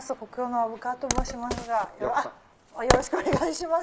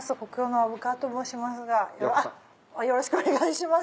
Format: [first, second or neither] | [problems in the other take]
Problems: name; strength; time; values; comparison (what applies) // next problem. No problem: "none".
second | background sound (Wood); 3 dB below the speech